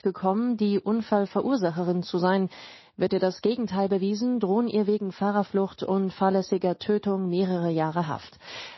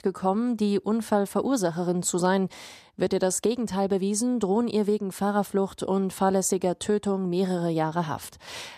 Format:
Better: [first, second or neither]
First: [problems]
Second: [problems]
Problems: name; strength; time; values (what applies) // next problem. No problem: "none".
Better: second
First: garbled, watery; slightly; nothing above 5.5 kHz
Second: none